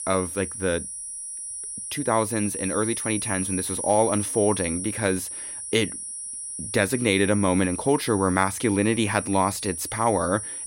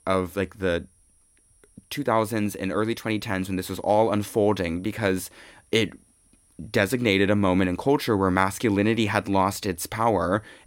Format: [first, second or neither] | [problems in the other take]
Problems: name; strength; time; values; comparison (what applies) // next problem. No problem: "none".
second | high-pitched whine; loud; throughout; 10 kHz, 6 dB below the speech; faint in the second